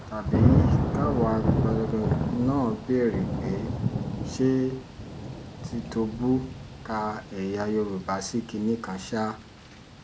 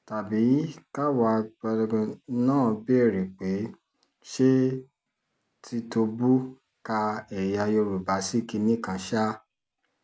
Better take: second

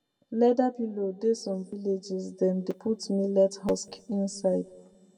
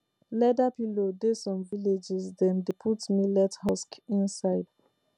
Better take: second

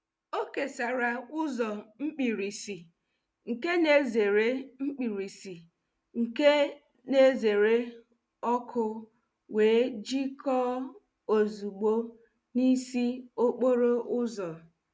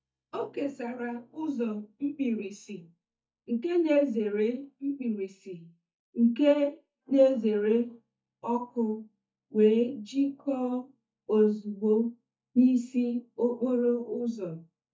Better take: first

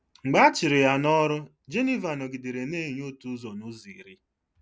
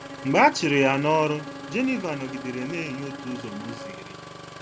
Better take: first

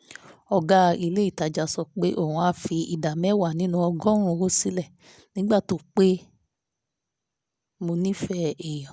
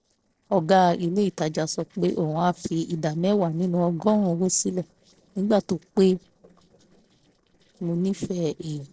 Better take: first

